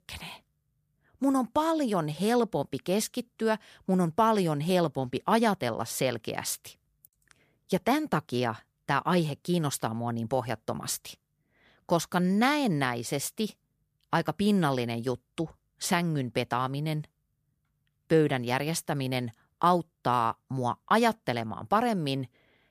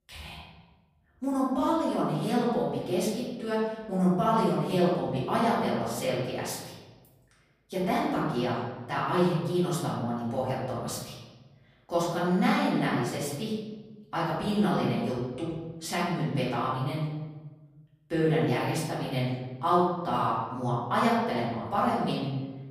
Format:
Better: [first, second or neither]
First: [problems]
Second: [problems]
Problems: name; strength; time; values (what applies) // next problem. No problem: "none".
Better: first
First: none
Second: room echo; noticeable; dies away in 1.2 s // off-mic speech; far